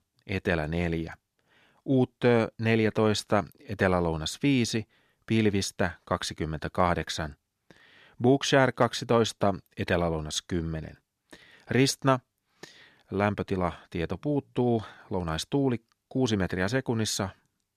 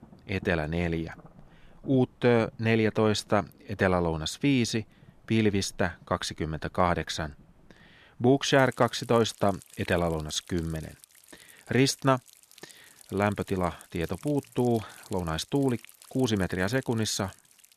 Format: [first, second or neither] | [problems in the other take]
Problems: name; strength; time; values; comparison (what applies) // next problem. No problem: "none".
first | rain or running water; faint; throughout; 25 dB below the speech